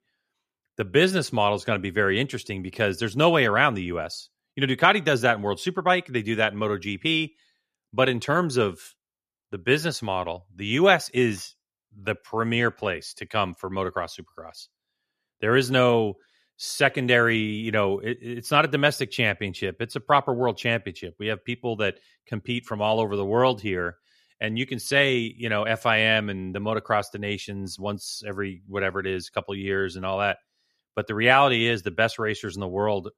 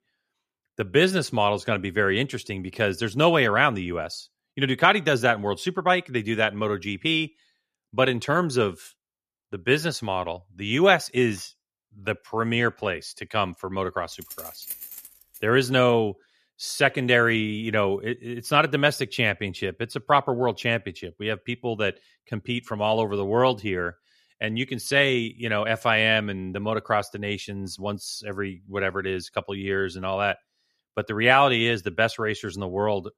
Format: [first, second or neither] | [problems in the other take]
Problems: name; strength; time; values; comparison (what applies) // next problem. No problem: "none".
first | jangling keys; faint; from 14 to 15 s; peak 10 dB below the speech